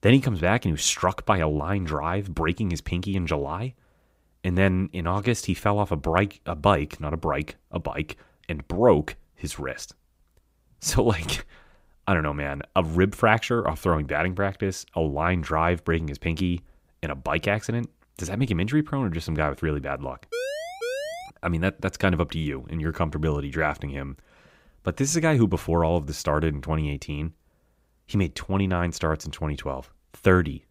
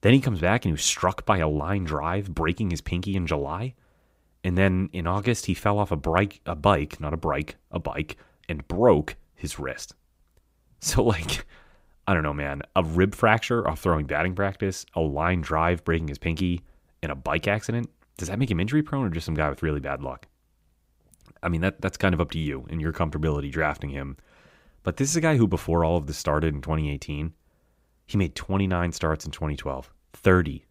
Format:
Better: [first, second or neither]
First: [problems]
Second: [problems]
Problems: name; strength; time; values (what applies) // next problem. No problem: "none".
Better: second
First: siren; noticeable; at 20 s; peak 5 dB below the speech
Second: none